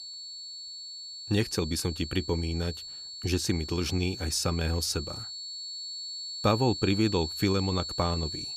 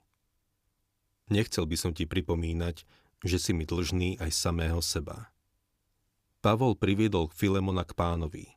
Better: second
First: high-pitched whine; loud; throughout; 4.5 kHz, 7 dB below the speech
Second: none

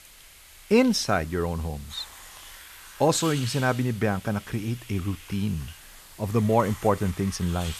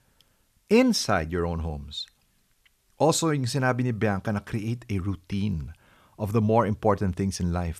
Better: second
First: hiss; noticeable; throughout; 15 dB below the speech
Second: none

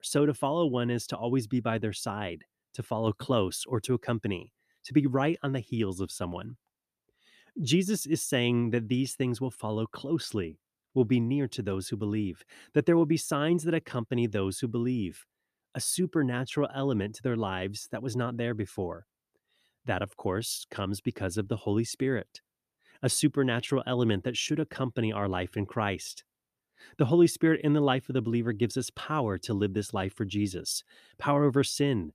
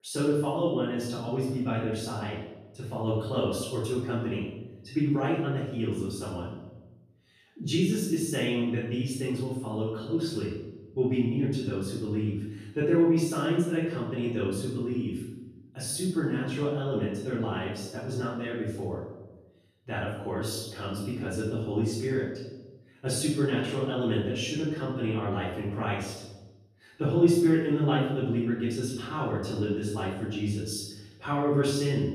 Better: first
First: none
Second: off-mic speech; far // room echo; noticeable; dies away in 0.8 s

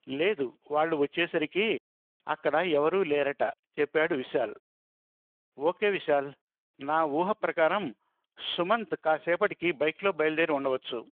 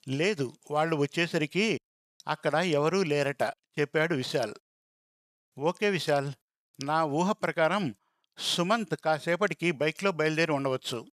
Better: second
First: phone-call audio; nothing above 3.5 kHz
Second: none

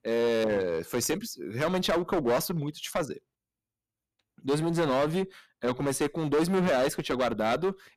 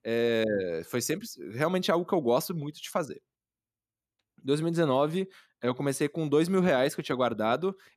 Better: second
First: distortion; heavy; 11% of the sound clipped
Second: none

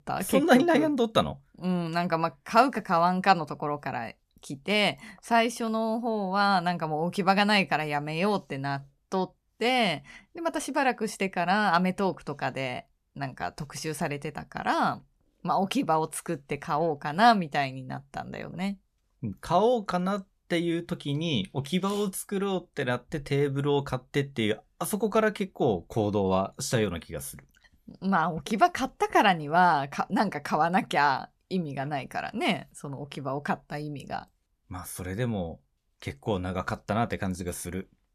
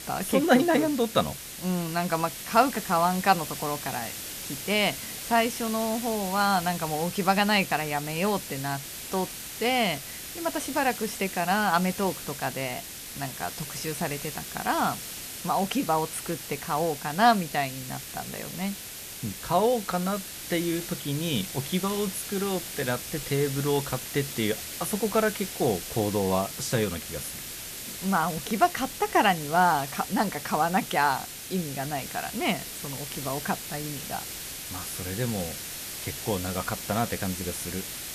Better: first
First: none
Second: hiss; loud; throughout; 8 dB below the speech

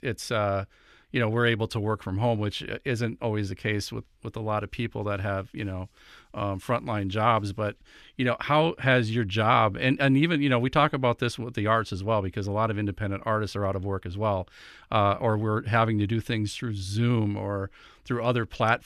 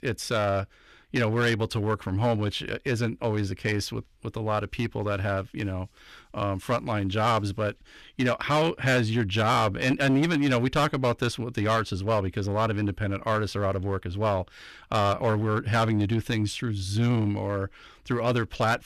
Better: first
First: none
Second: distortion; slight; 7% of the sound clipped

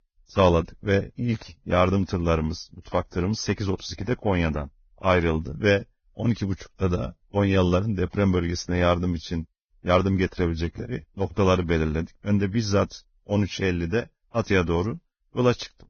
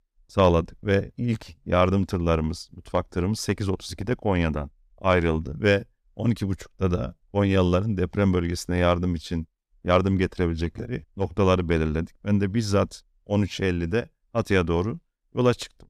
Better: second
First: garbled, watery; badly; nothing above 6.5 kHz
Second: none

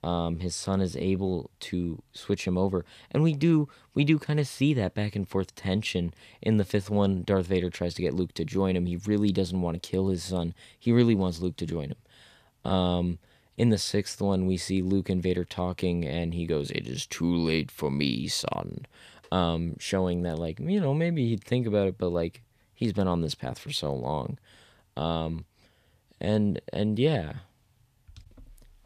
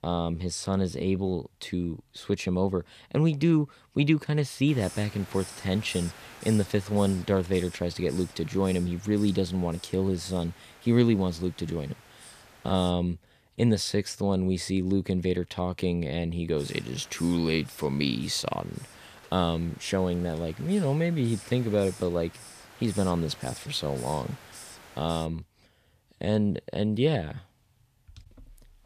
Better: first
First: none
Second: hiss; noticeable; from 4.5 to 13 s and from 17 to 25 s; 20 dB below the speech

